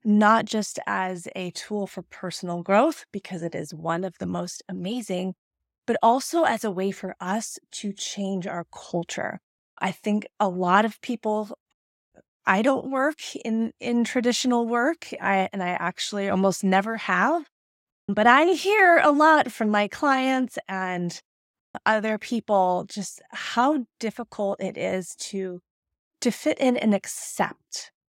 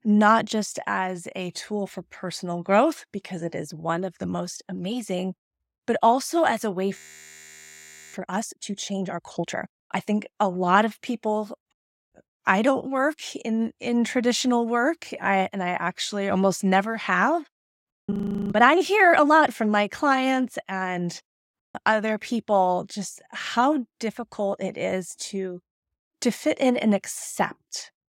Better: first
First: none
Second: audio freezing; at 7 s for 1 s and at 18 s

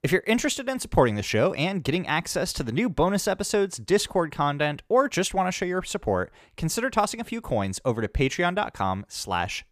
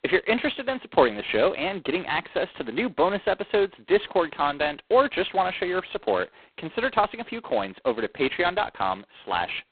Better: first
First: none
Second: phone-call audio; poor line; nothing above 4 kHz

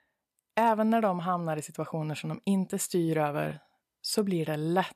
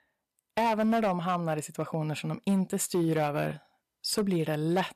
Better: first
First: none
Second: distortion; slight; 6% of the sound clipped

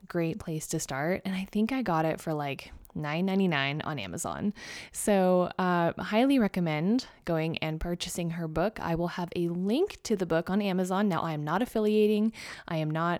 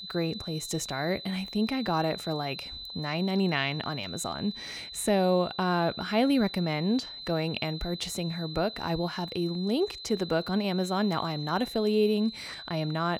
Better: first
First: none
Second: high-pitched whine; loud; throughout; 4 kHz, 10 dB below the speech

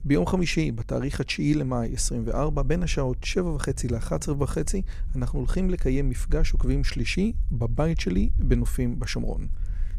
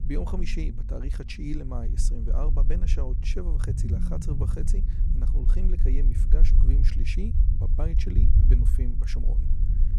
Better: first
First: low rumble; faint; throughout; 25 dB below the speech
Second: low rumble; loud; throughout; 4 dB below the speech

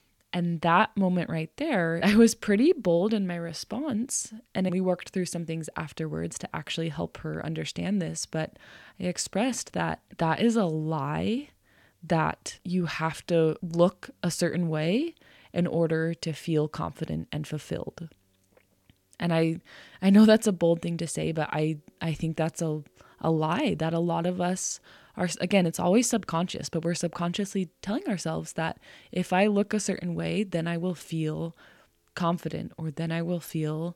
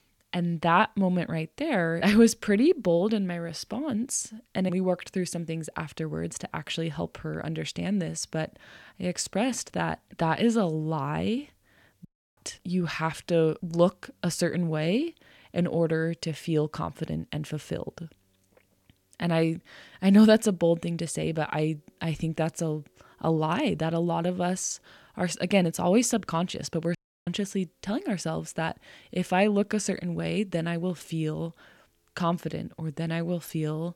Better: first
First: none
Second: audio cutting out; at 12 s and at 27 s

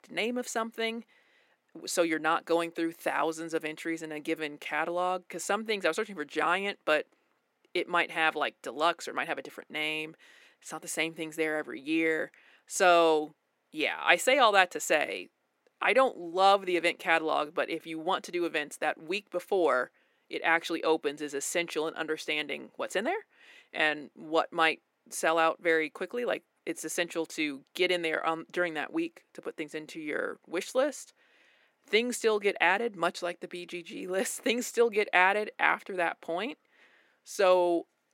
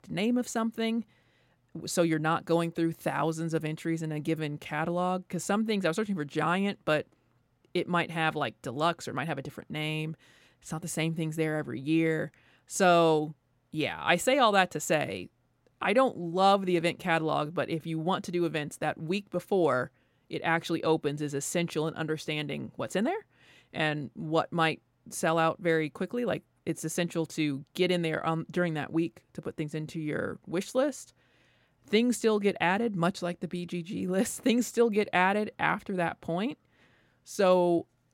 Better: second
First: thin; somewhat; fading below 350 Hz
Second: none

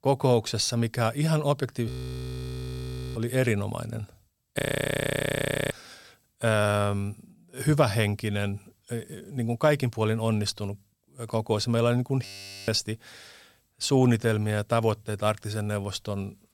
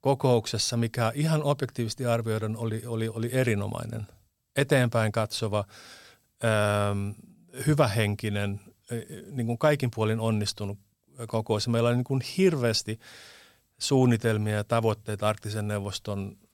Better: second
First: audio freezing; at 2 s for 1.5 s, at 4.5 s for 1 s and at 12 s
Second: none

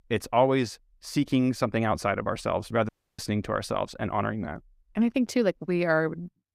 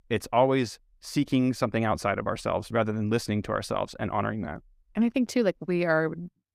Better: second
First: audio cutting out; at 3 s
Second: none

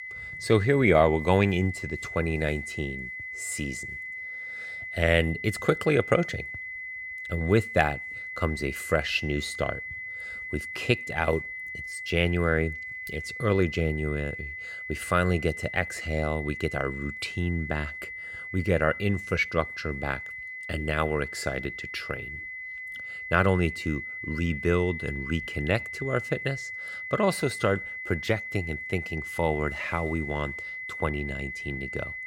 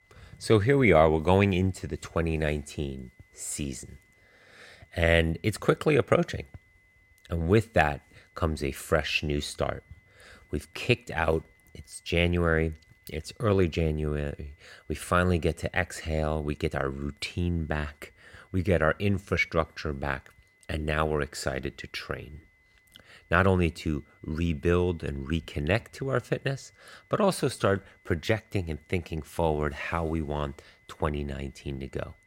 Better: second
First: high-pitched whine; loud; throughout; 2 kHz, 7 dB below the speech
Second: high-pitched whine; faint; throughout; 2 kHz, 35 dB below the speech

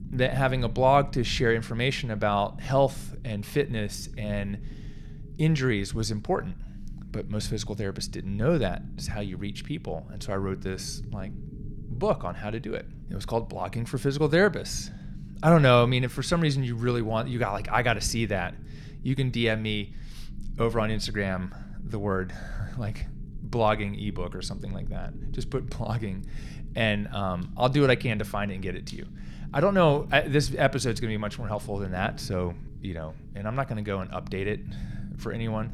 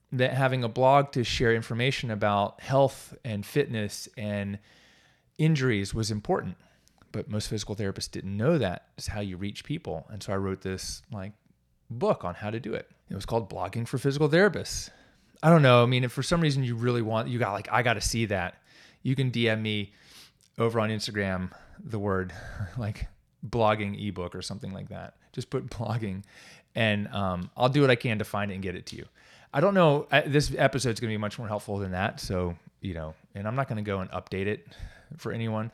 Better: second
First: low rumble; faint; throughout; 25 dB below the speech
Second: none

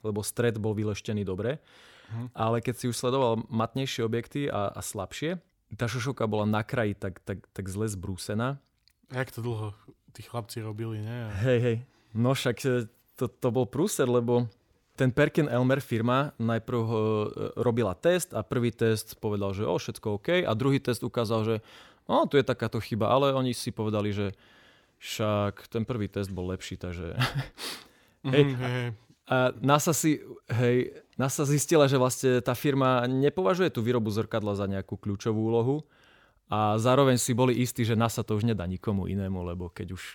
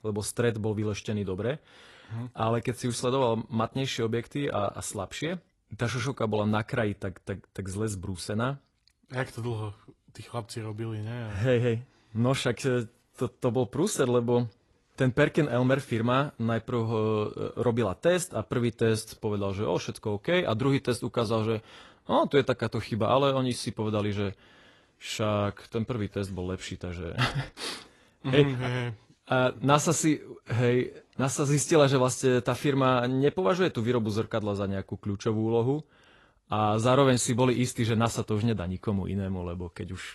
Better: first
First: none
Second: garbled, watery; slightly; nothing above 11.5 kHz

